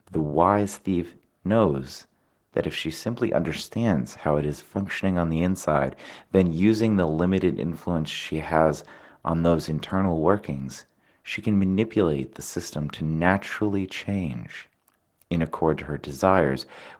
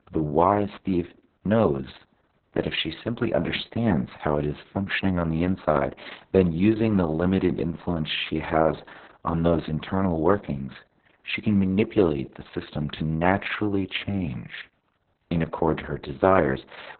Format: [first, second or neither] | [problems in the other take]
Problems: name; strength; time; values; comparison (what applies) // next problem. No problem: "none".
first | garbled, watery; badly; nothing above 4 kHz; slightly in the first